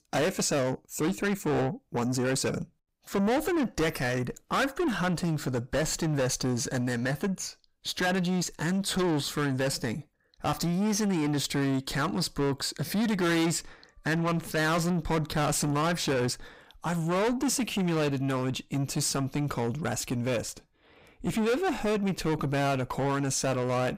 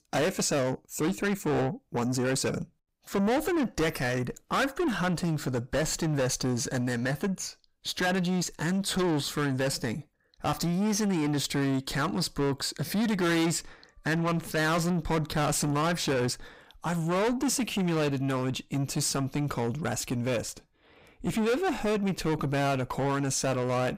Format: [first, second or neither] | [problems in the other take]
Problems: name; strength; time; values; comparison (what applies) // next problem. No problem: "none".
neither | distortion; heavy; 5 dB below the speech; the same in both